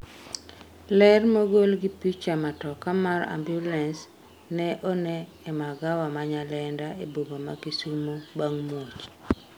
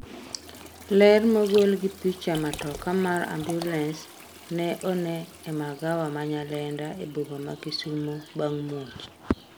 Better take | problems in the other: first | background sound (Toilet flush + Liquid); 19 dB below the speech

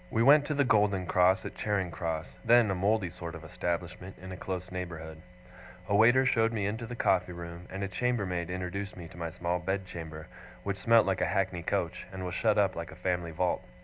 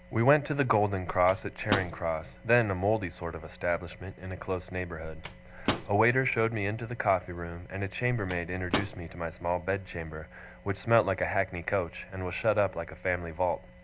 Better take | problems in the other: first | background sound (Microwave oven); 10 dB below the speech

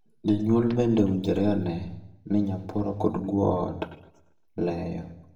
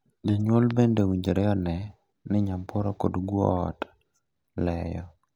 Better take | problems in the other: second | room echo; dies away in 0.7 s

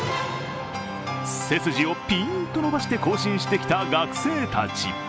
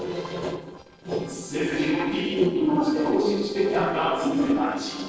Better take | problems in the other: first | noise reduction (neural separator model SepFormer DNS4)

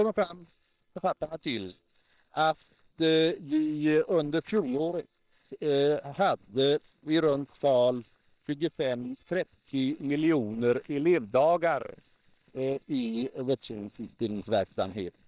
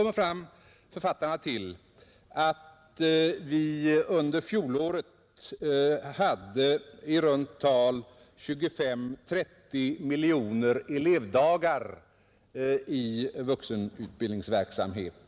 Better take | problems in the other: second | noise reduction (neural separator model SepFormer WHAM!)

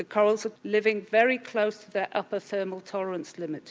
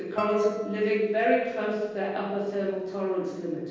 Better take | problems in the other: first | background sound (Guitar); 14 dB below the speech // room echo; dies away in 1.3 s

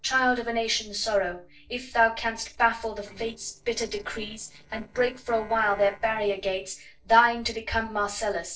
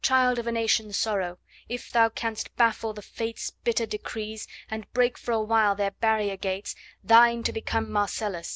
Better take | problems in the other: second | noise reduction (neural separator model SepFormer DNS4)

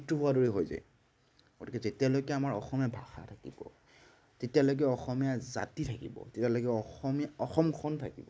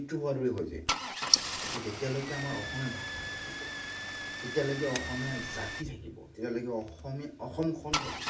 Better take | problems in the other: first | background sound (Engine starting / Car); 1 dB below the speech // room echo; dies away in 0.3 s

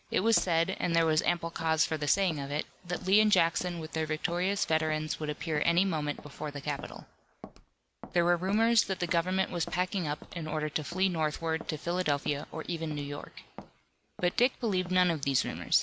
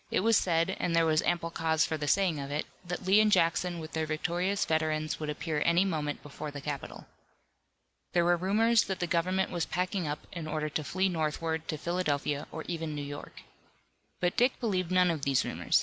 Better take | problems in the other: second | background sound (Walk, footsteps); 19 dB below the speech

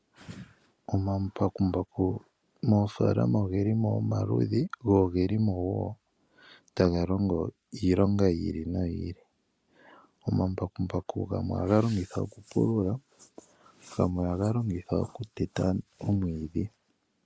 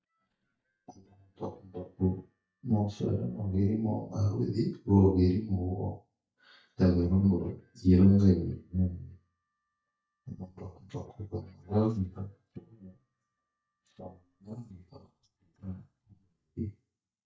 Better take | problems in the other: first | noise reduction (neural mask model DeepFilterNet 3)

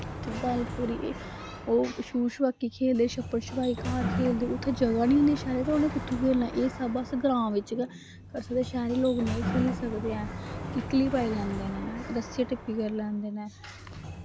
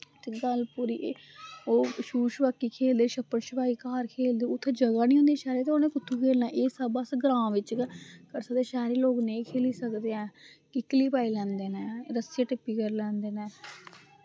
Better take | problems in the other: second | background sound (Sliding door); 8 dB below the speech

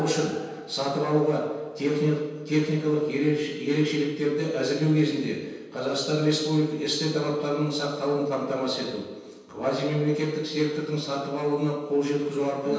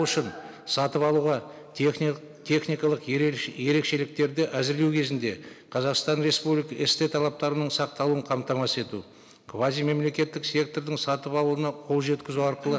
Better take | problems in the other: second | room echo; dies away in 1.2 s

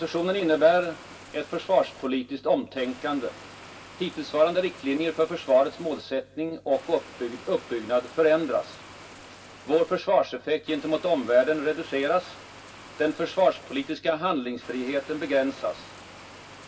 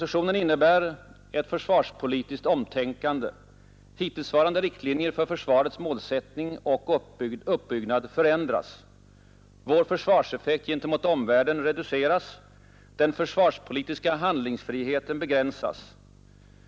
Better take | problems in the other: second | background sound (Water); 20 dB below the speech // room echo; dies away in 0.2 s

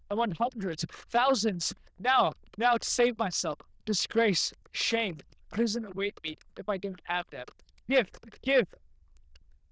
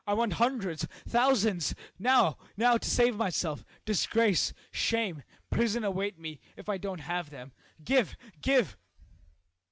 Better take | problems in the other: second | noise reduction (neural diffusion model UNIVERSE++)

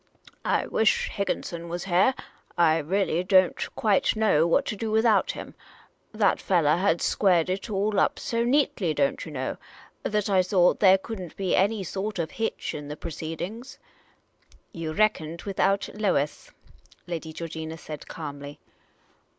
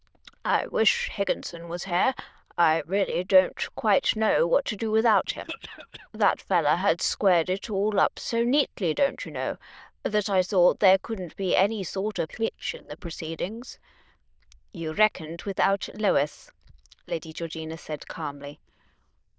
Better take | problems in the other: first | noise reduction (neural diffusion model UNIVERSE++)

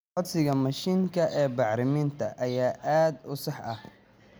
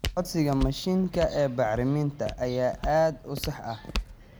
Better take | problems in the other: first | background sound (Walk, footsteps); 9 dB below the speech

